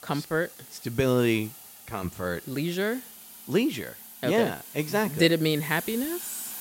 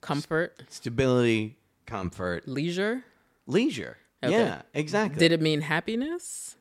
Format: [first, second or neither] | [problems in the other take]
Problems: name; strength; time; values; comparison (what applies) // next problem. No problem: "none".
second | hiss; noticeable; throughout; 15 dB below the speech